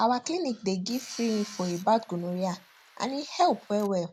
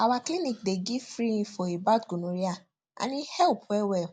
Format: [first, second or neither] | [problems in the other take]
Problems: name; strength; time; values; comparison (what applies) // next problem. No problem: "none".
second | background sound (Tools); 19 dB below the speech